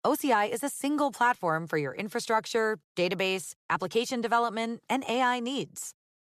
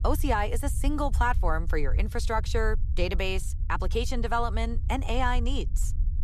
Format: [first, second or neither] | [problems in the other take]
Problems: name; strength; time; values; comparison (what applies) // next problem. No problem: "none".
first | low rumble; faint; throughout; 20 dB below the speech